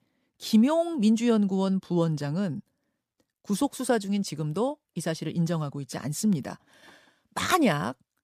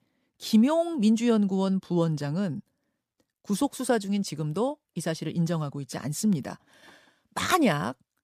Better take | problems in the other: neither | none

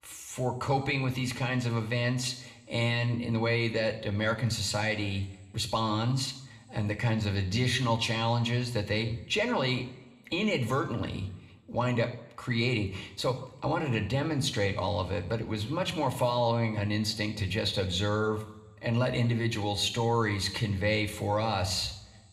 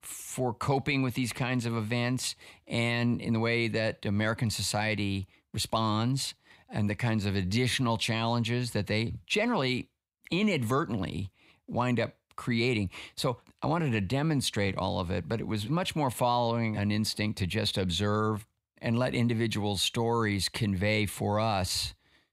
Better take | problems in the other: second | room echo; very slight; dies away in 1 s

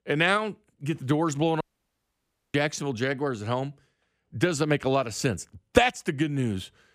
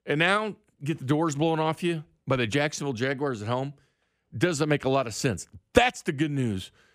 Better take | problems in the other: second | audio cutting out; at 1.5 s for 1 s

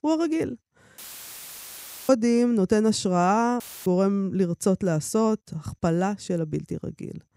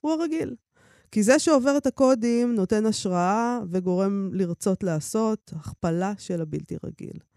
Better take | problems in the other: second | audio cutting out; filled with static; at 1 s for 1 s and at 3.5 s

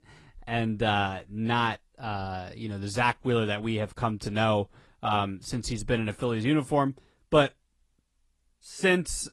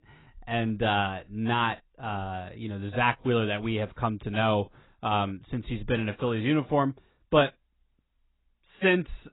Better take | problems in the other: first | garbled, watery; badly; nothing above 4 kHz; slightly in the first

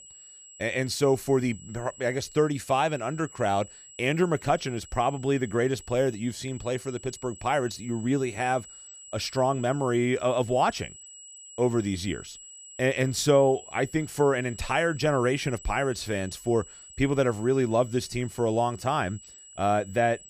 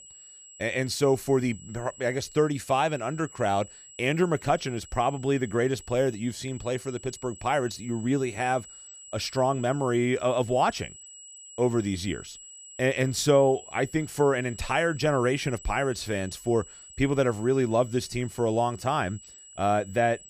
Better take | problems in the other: neither | high-pitched whine; noticeable; throughout; 8 kHz, 20 dB below the speech; the same in both

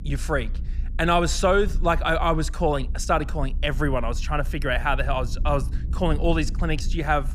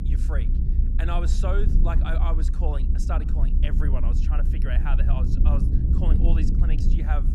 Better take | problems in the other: first | low rumble; loud; throughout; 4 dB below the speech; faint in the first

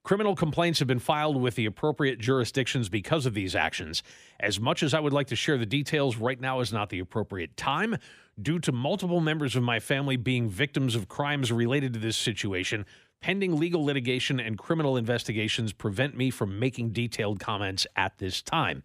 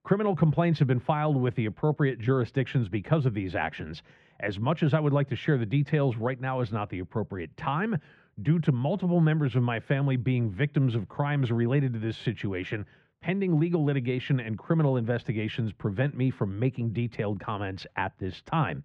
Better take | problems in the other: first | muffled; very; fading above 2 kHz

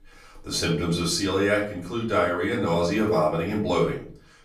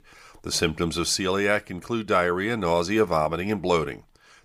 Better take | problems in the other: second | off-mic speech; far // room echo; slight; dies away in 0.4 s

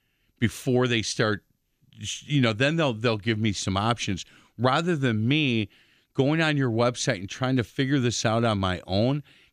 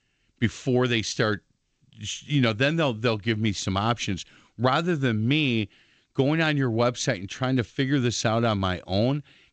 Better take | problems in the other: first | garbled, watery; slightly; nothing above 7.5 kHz

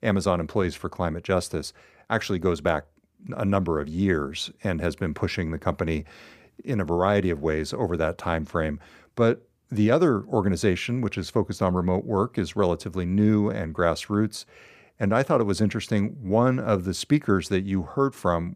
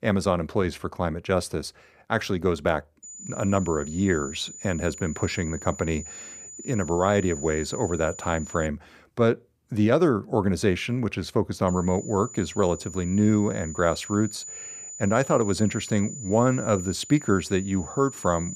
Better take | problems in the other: first | high-pitched whine; noticeable; from 3 to 8.5 s and from 12 s on; 7 kHz, 15 dB below the speech

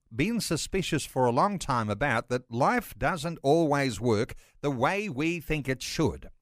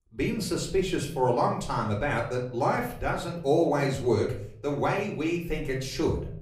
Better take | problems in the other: first | off-mic speech; somewhat distant // room echo; slight; dies away in 0.6 s

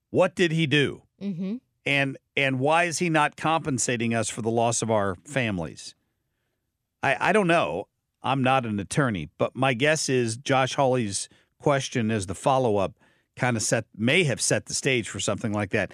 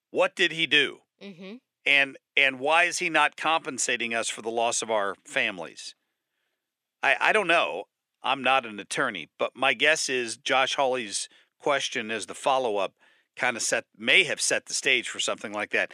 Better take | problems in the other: first | thin; somewhat; fading below 400 Hz

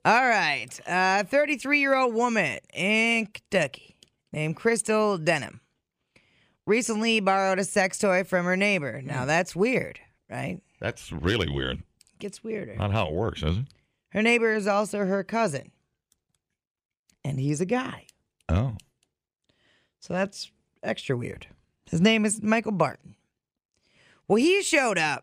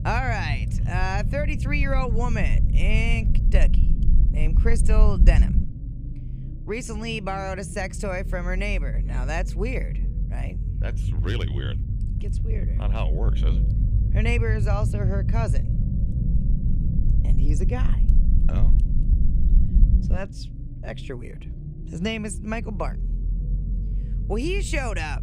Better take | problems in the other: first | low rumble; noticeable; throughout; 10 dB below the speech

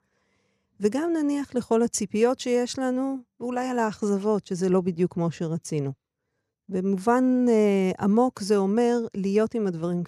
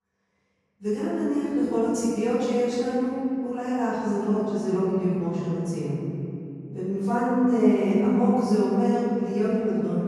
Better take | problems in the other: first | off-mic speech; far // room echo; strong; dies away in 3 s

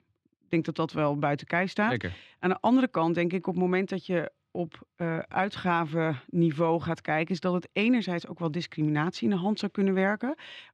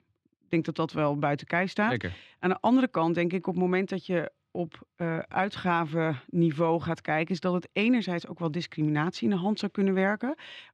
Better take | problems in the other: neither | muffled; slightly; fading above 3 kHz; the same in both

